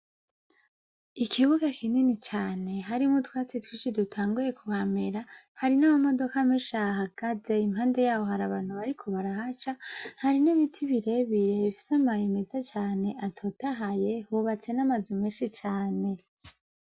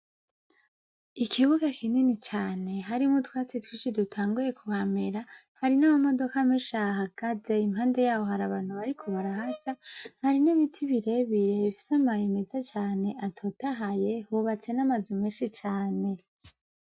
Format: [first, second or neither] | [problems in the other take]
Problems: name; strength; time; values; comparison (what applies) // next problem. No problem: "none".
first | noise reduction (neural mask model RNNoise)